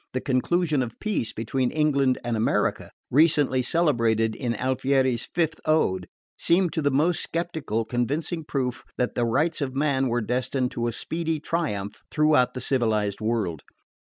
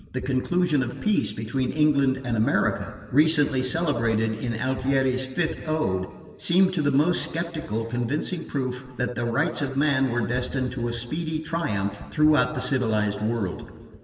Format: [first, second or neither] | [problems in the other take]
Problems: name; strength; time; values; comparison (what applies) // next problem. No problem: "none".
first | background sound (Gunshot, gunfire); 19 dB below the speech // room echo; dies away in 2.2 s